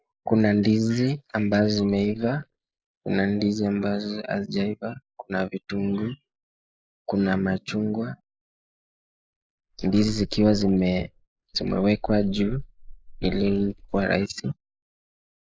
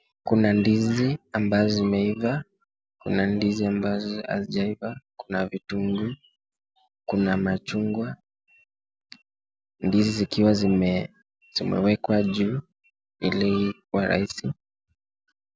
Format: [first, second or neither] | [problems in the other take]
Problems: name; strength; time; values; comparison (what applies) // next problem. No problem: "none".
second | noise reduction (neural mask model Resemble Enhance denoiser)